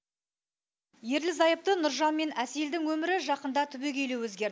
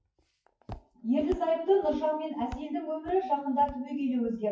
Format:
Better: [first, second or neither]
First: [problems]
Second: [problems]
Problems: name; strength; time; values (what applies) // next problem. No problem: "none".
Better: first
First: none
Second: noise reduction (classical method WPE with log-MMSE)